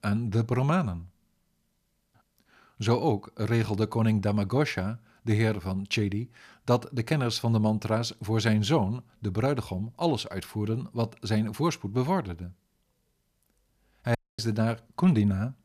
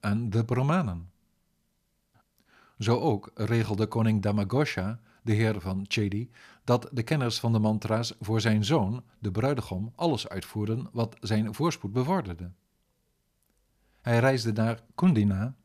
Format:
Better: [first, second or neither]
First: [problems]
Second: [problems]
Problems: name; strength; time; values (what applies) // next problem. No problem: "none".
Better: second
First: audio cutting out; at 14 s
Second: none